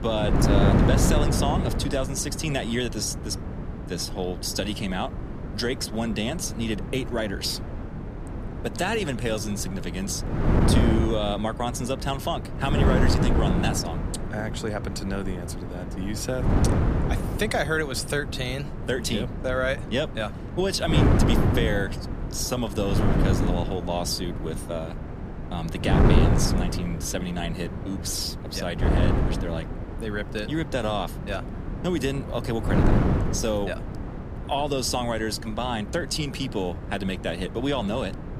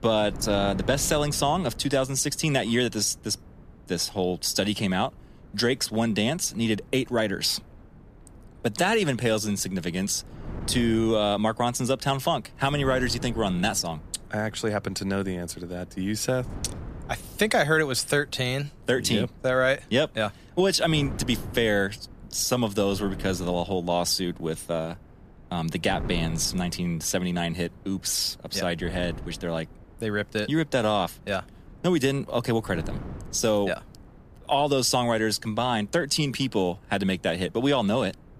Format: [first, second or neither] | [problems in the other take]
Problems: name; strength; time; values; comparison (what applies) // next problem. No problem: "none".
second | wind noise on the microphone; heavy; 4 dB below the speech; occasional gusts in the second